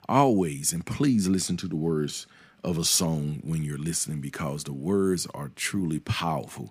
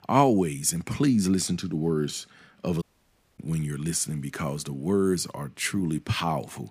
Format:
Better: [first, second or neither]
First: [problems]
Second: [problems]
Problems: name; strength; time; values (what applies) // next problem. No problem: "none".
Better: first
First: none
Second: audio cutting out; at 3 s for 0.5 s